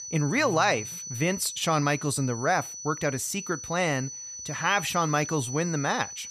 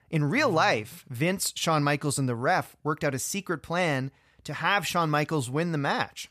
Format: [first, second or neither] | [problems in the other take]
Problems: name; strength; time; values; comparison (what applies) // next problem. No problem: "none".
second | high-pitched whine; loud; throughout; 6 kHz, 9 dB below the speech